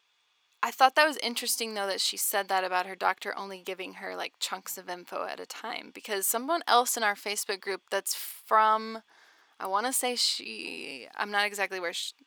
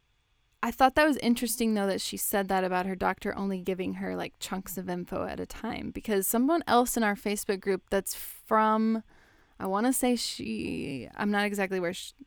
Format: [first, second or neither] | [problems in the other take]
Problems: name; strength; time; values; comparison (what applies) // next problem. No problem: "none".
second | thin; very; fading below 550 Hz